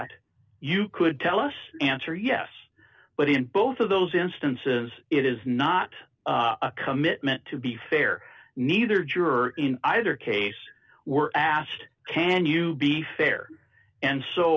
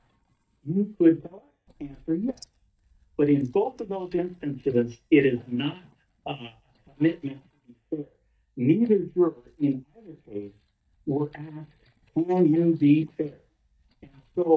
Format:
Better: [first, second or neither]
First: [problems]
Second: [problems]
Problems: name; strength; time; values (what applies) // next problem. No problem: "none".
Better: first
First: none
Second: noise reduction (neural mask model DeepFilterNet 3)